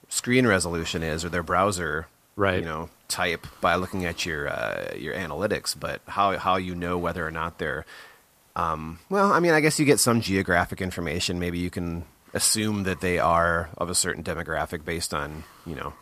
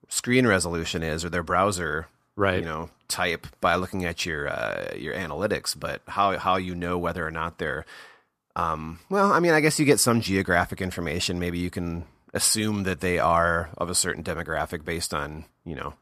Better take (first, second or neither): second